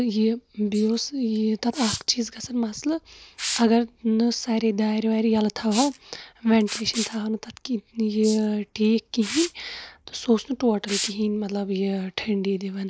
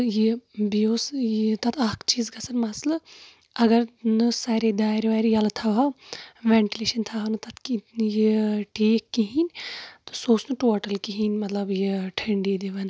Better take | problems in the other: second | noise reduction (neural mask model Resemble Enhance denoiser)

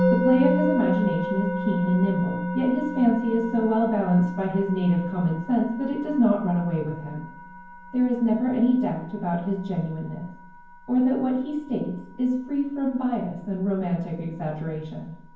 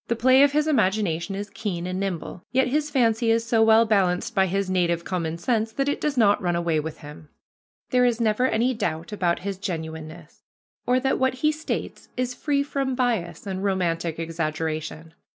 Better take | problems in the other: second | background sound (Musical instrument); 7 dB below the speech // room echo; dies away in 0.9 s

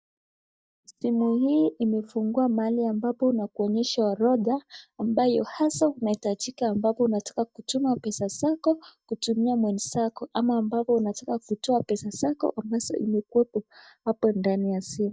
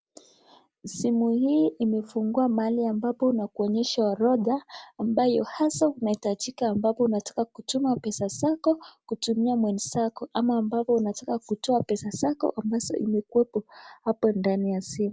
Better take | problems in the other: second | noise reduction (neural mask model DeepFilterNet 3)

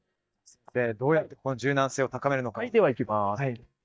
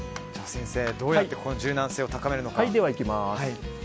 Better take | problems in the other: second | noise reduction (neural mask model DeepFilterNet 3)

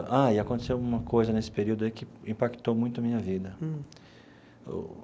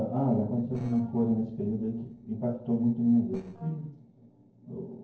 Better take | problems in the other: first | noise reduction (neural separator model SepFormer DNS4)

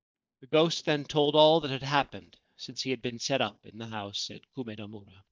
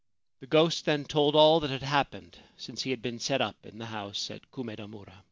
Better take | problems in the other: second | noise reduction (neural mask model DeepFilterNet 3)

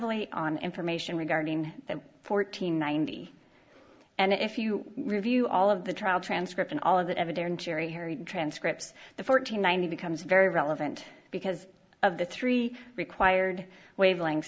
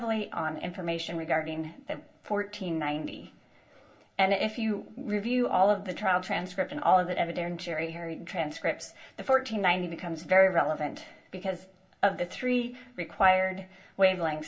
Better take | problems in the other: first | room echo; dies away in 0.2 s

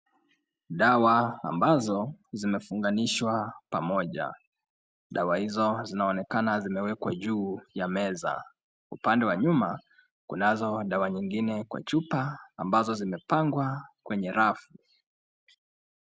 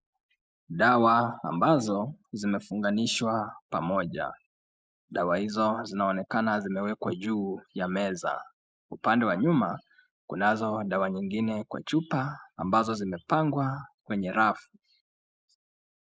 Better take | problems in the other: first | noise reduction (neural mask model Resemble Enhance denoiser)

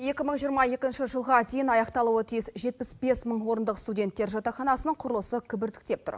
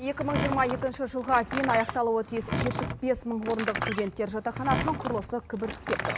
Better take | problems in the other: first | background sound (Door); 4 dB below the speech

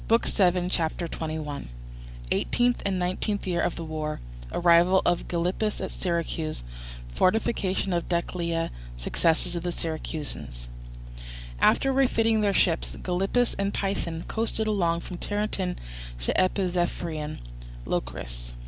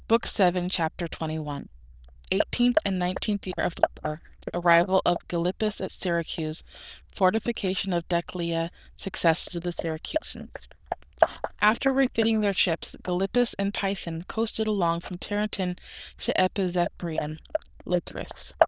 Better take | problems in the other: first | noise reduction (neural diffusion model UNIVERSE++)

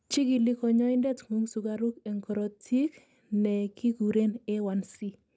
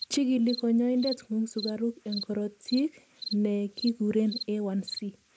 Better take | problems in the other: first | background sound (Cricket); 14 dB below the speech

